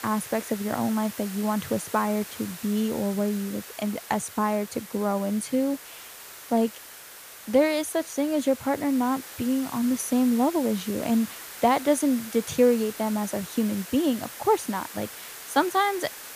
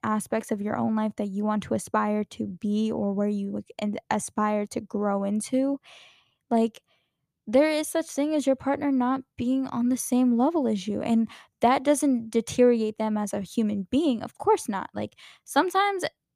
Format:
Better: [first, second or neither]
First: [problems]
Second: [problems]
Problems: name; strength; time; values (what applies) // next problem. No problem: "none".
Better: second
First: hiss; noticeable; throughout; 15 dB below the speech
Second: none